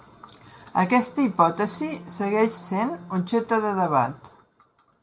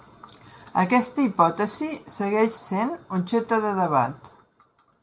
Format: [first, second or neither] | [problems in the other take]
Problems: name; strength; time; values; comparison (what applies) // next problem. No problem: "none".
second | background sound (Bowed string instrument); 19 dB below the speech